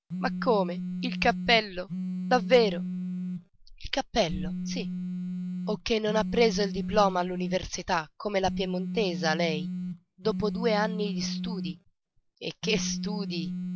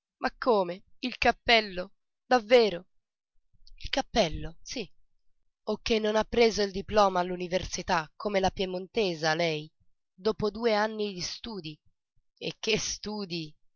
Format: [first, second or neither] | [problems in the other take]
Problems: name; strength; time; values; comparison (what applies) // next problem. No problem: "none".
second | background sound (Telephone); 5 dB below the speech